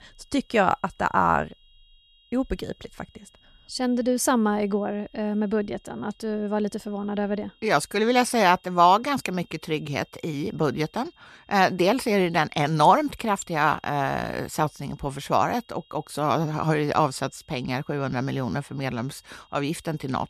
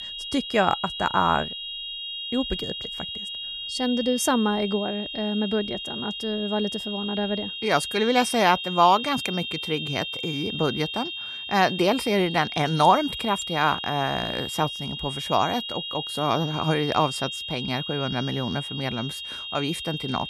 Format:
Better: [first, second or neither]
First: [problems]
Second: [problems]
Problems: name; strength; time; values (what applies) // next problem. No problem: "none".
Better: first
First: high-pitched whine; faint; throughout; 3 kHz, 35 dB below the speech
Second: high-pitched whine; loud; throughout; 3 kHz, 6 dB below the speech